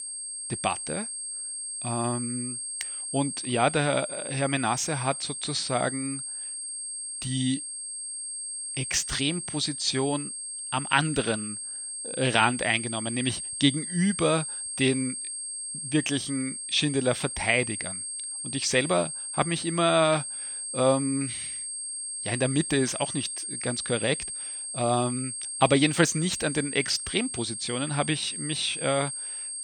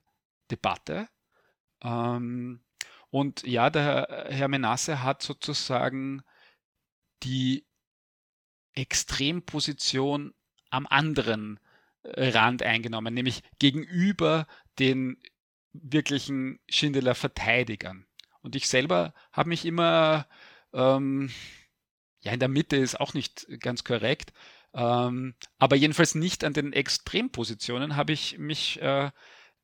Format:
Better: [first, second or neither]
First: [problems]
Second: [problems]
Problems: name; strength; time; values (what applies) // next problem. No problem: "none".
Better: second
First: high-pitched whine; loud; throughout; 8.5 kHz, 5 dB below the speech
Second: none